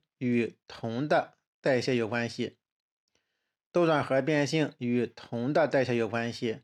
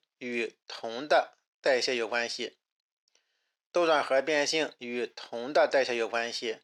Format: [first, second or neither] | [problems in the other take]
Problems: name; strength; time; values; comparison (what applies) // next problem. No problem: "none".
first | thin; somewhat; fading below 550 Hz